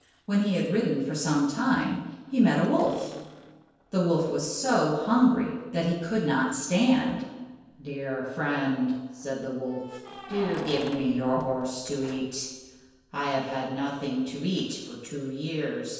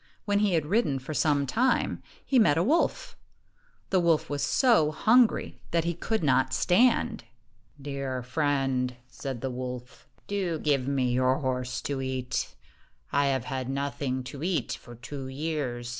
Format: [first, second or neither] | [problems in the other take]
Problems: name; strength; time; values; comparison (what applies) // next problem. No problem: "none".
second | noise reduction (neural separator model SepFormer DNS4)